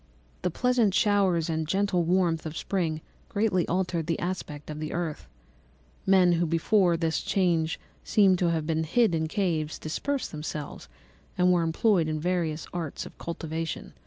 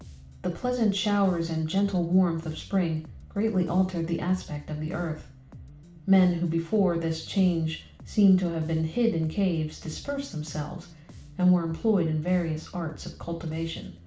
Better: first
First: none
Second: background sound (Bass guitar); 20 dB below the speech // room echo; dies away in 0.4 s

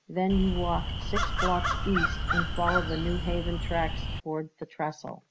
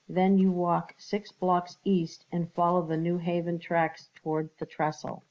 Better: second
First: background sound (Crow); 2 dB above the speech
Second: none

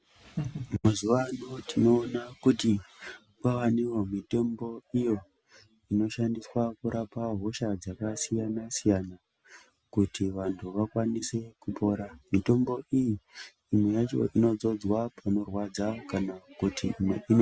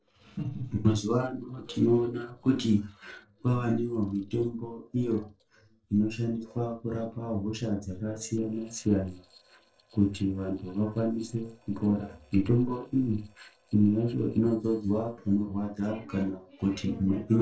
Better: first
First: none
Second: noise reduction (neural separator model SepFormer DNS4)

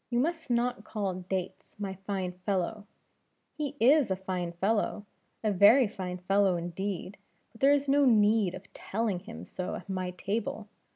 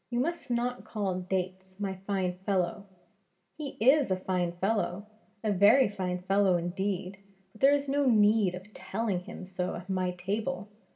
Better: first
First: none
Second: room echo; dies away in 0.8 s

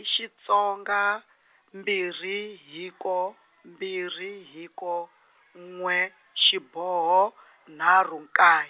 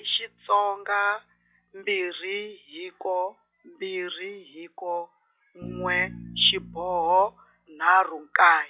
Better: first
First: none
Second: noise reduction (classical method log-MMSE)

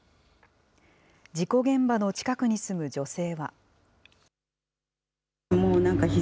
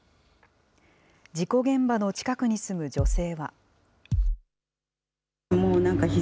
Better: first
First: none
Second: background sound (Bass drum); 2 dB above the speech

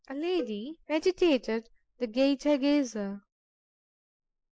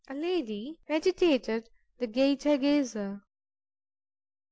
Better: second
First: noise reduction (neural mask model Resemble Enhance denoiser)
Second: none

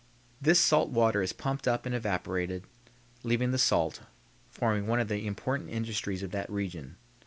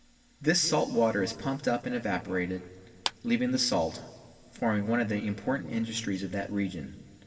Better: first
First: none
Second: background sound (Clapping); 11 dB below the speech // room echo; dies away in 2.7 s

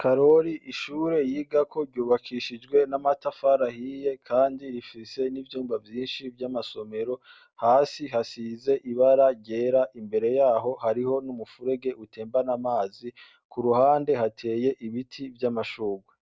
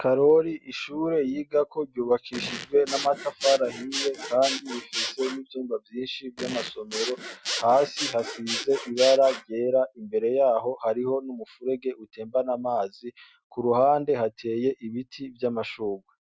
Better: first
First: none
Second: noise reduction (classical method Wiener filter)

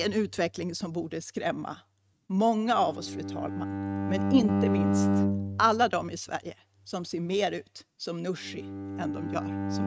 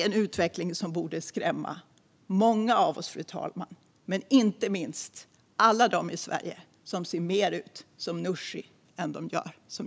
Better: second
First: noise reduction (neural mask model RNNoise)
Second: none

